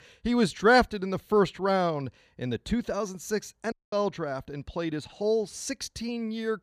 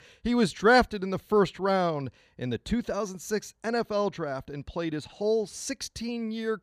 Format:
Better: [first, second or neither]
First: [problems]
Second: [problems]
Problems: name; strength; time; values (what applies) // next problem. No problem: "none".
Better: second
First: audio cutting out; at 3.5 s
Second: none